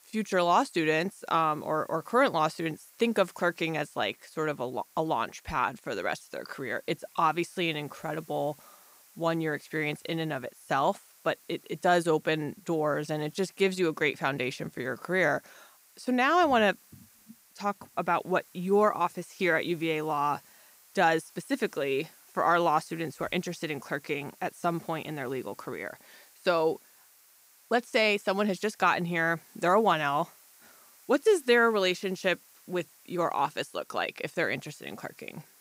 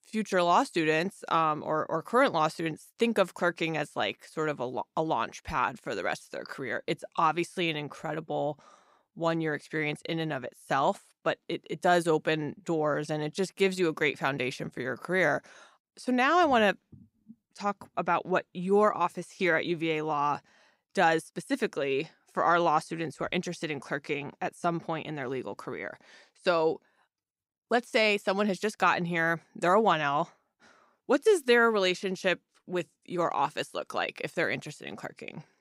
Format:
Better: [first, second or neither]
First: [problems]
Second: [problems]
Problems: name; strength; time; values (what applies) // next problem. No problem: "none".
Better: second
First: hiss; faint; throughout; 25 dB below the speech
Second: none